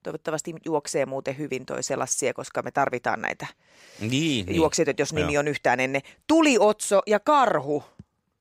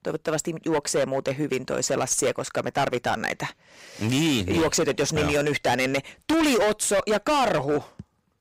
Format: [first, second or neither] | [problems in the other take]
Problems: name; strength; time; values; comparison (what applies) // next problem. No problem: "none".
first | distortion; heavy; 17% of the sound clipped